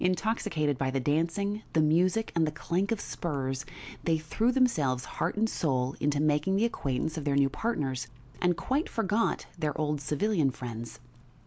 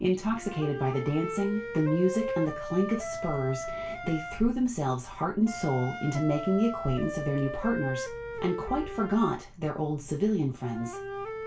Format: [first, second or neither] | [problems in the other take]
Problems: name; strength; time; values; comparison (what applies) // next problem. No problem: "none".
first | background sound (Wind instrument, woodwind instrument); 8 dB below the speech // room echo; dies away in 0.2 s